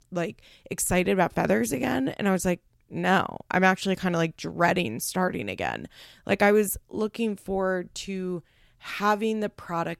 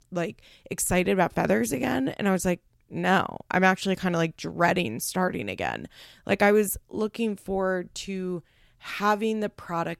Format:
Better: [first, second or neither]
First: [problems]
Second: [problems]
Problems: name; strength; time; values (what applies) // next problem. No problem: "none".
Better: neither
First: none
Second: none